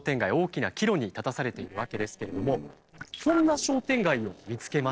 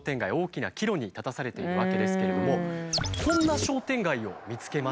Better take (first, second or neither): second